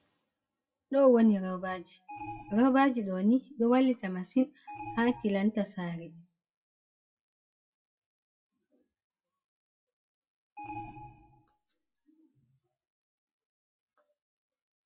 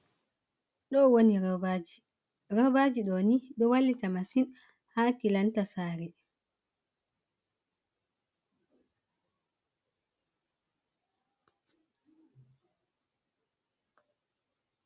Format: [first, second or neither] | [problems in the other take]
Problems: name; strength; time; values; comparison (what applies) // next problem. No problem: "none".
second | noise reduction (classical method WPE with log-MMSE)